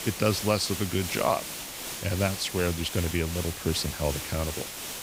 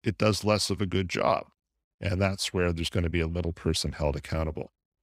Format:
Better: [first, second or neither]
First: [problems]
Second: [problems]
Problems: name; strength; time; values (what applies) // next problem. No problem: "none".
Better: second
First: hiss; loud; throughout; 6 dB below the speech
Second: none